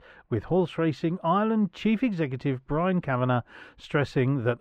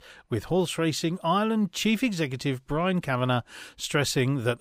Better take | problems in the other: second | muffled; very; fading above 4 kHz

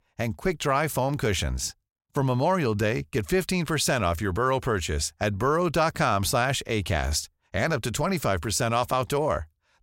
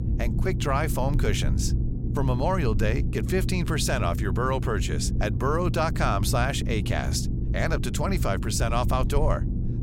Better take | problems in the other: first | low rumble; noticeable; throughout; 10 dB below the speech

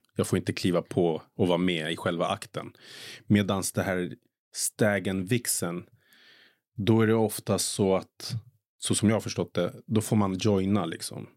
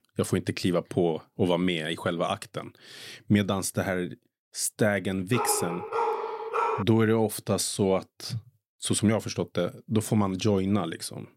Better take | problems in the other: first | dog barking; noticeable; from 5.5 to 7 s; peak 1 dB below the speech

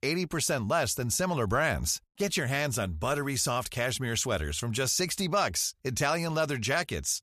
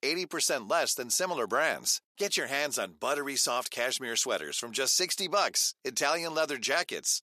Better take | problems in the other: first | thin; somewhat; fading below 300 Hz

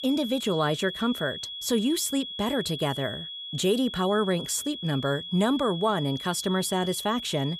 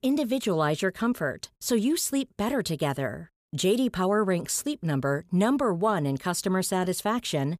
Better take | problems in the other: second | high-pitched whine; loud; throughout; 3.5 kHz, 8 dB below the speech

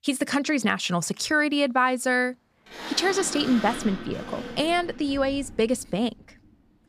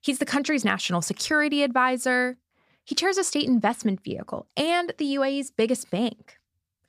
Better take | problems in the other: second | door banging; noticeable; from 2.5 to 6 s; peak 8 dB below the speech

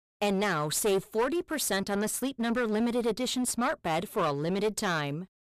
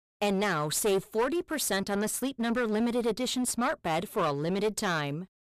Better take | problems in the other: neither | distortion; slight; 13% of the sound clipped; the same in both

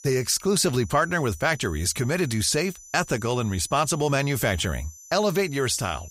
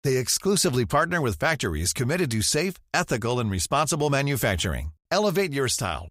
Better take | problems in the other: second | high-pitched whine; noticeable; throughout; 6 kHz, 20 dB below the speech

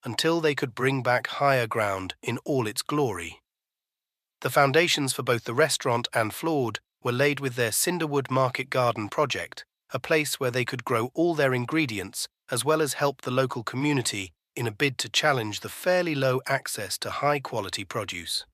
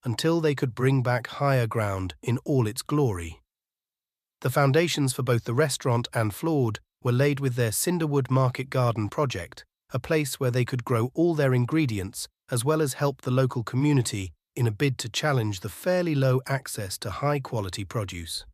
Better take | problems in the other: second | thin; somewhat; fading below 350 Hz

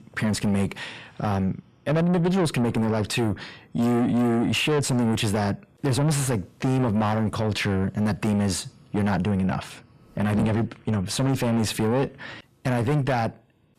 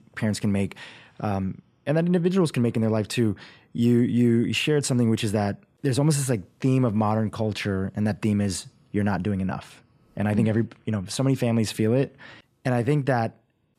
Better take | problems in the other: second | distortion; heavy; 7 dB below the speech

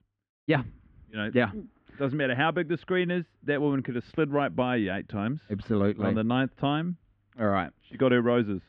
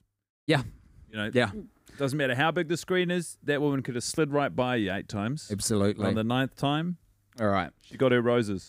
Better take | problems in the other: second | muffled; very; fading above 3 kHz

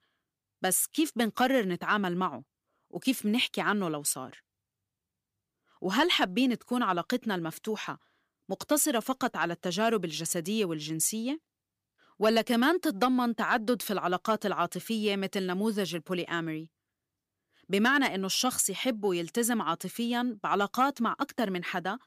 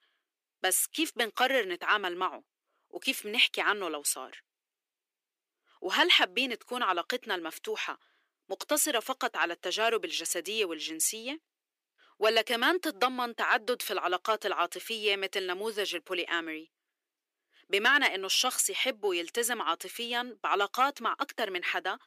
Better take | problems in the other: first | thin; somewhat; fading below 350 Hz

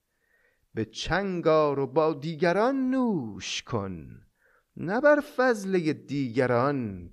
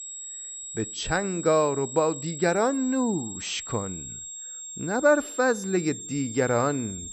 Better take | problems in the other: first | high-pitched whine; loud; throughout; 7.5 kHz, 10 dB below the speech

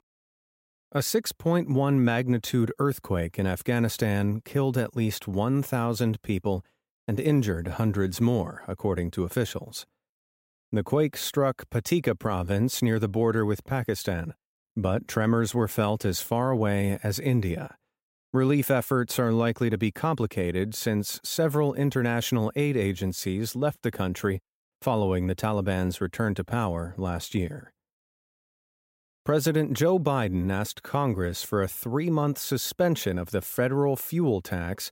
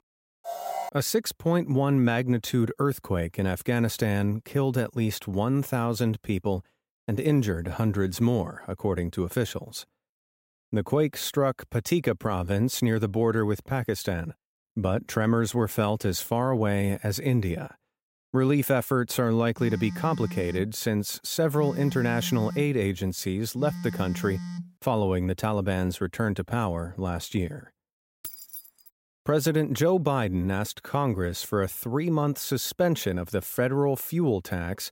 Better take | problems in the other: first | alarm; noticeable; at 0.5 s; peak 6 dB below the speech // phone ringing; noticeable; from 20 to 25 s; peak 8 dB below the speech // jangling keys; faint; at 28 s; peak 10 dB below the speech

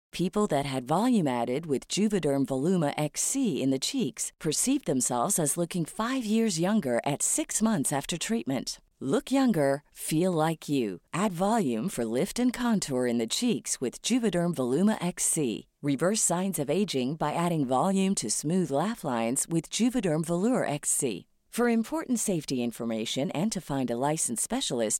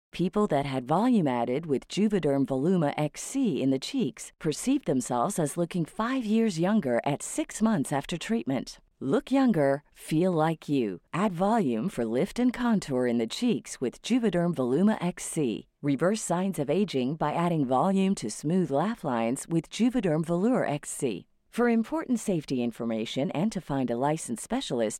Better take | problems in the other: first | muffled; slightly; fading above 4 kHz

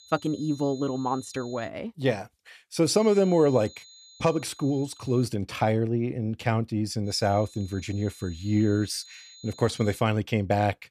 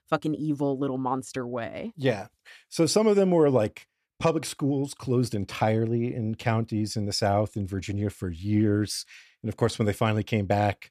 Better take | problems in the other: second | high-pitched whine; faint; until 1.5 s, from 3 to 5.5 s and from 7 to 10 s; 4 kHz, 20 dB below the speech

